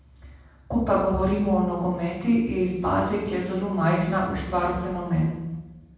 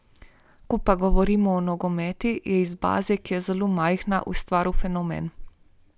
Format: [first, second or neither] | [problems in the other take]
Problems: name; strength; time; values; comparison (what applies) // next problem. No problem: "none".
second | room echo; dies away in 1.2 s